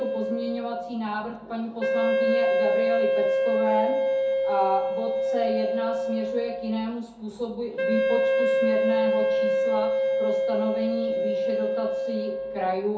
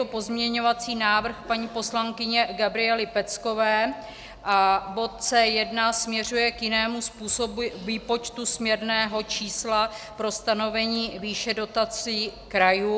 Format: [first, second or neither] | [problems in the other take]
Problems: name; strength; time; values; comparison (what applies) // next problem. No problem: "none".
second | background sound (Wind instrument, woodwind instrument); 5 dB above the speech // room echo; dies away in 0.5 s